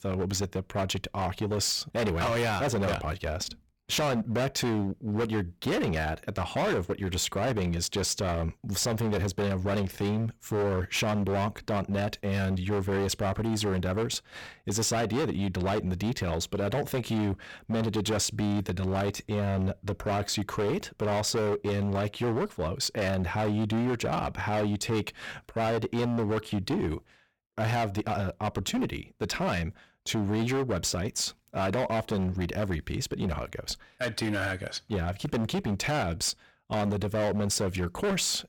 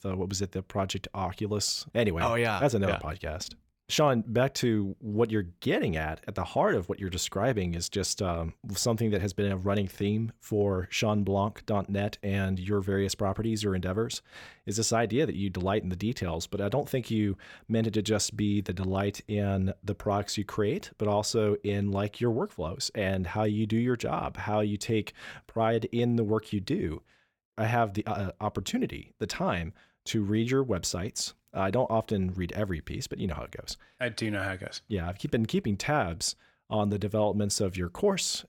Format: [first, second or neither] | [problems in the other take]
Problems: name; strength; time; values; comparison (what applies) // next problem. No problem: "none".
second | distortion; heavy; 20% of the sound clipped